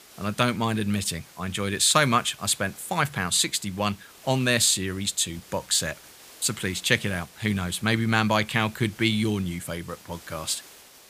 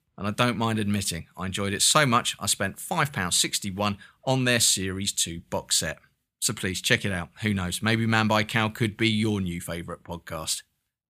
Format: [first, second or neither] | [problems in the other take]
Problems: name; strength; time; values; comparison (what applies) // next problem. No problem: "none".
second | hiss; faint; throughout; 20 dB below the speech